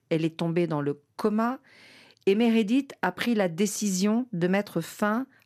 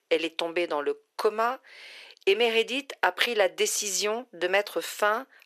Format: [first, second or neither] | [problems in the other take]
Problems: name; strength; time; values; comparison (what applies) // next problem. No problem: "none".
first | thin; very; fading below 450 Hz